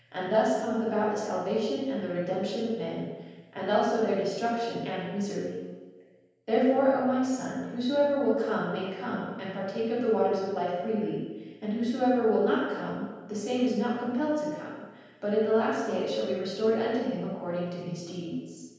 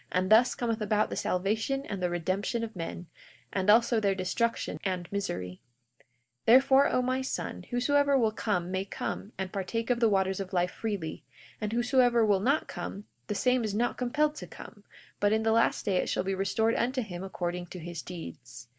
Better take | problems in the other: second | room echo; dies away in 1.2 s

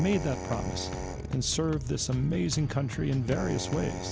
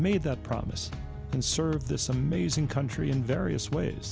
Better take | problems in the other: second | background sound (Drill); 11 dB below the speech

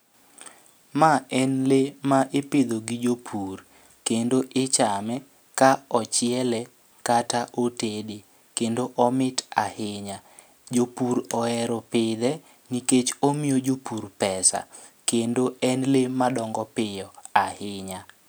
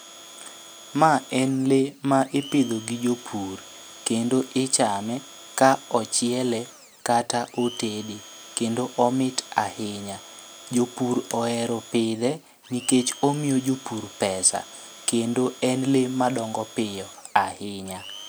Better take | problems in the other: first | background sound (Domestic sounds, home sounds); 19 dB below the speech

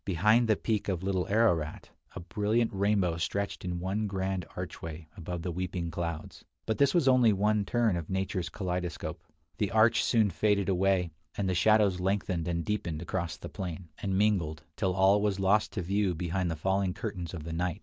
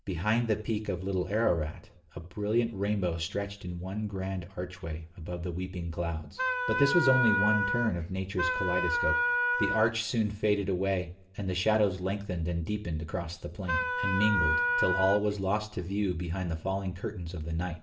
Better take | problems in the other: first | background sound (Wind instrument, woodwind instrument); 1 dB above the speech // room echo; dies away in 0.4 s

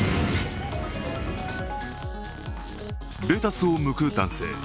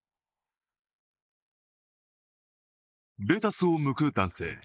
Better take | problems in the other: first | noise reduction (neural mask model Resemble Enhance denoiser)

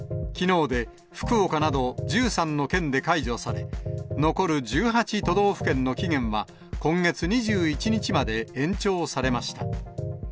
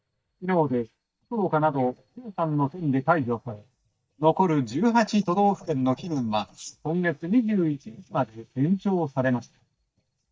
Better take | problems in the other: first | noise reduction (neural mask model DeepFilterNet 3)

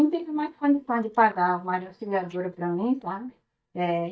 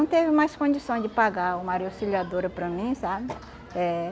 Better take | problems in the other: second | noise reduction (neural mask model DeepFilterNet 3)

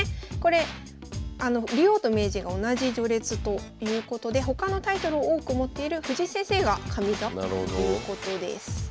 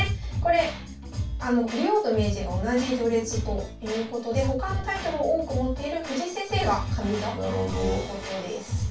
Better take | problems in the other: first | room echo; dies away in 0.2 s

